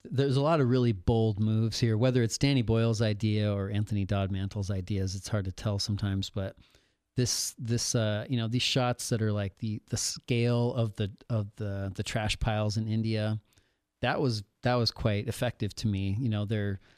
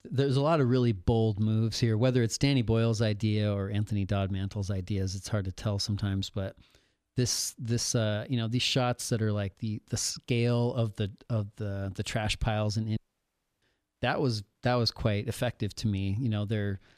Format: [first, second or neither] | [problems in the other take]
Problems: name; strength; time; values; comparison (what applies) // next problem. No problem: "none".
first | audio cutting out; at 13 s for 0.5 s